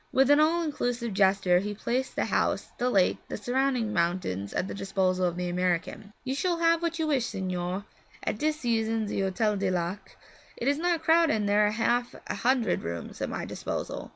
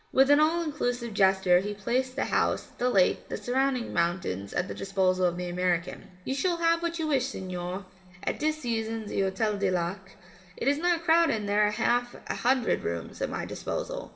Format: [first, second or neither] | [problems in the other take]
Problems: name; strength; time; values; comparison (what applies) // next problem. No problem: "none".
first | room echo; dies away in 2.2 s